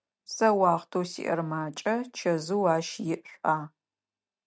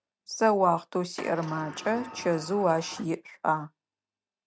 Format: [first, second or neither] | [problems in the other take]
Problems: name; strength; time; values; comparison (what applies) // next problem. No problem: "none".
first | background sound (Sliding door); 15 dB below the speech